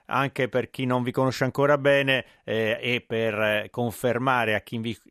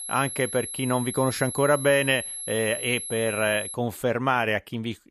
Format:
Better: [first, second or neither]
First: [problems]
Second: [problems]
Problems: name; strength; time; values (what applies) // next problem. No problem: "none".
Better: first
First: none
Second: high-pitched whine; loud; until 3.5 s; 11 kHz, 7 dB below the speech